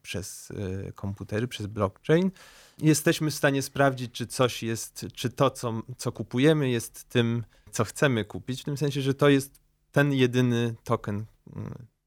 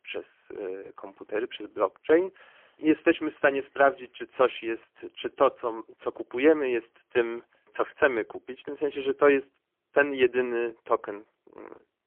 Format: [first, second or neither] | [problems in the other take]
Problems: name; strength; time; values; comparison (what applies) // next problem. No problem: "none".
first | phone-call audio; poor line; nothing above 3 kHz